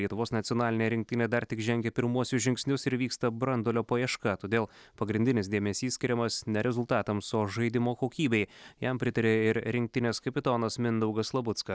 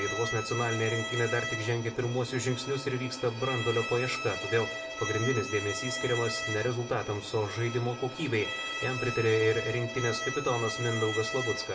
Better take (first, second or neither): first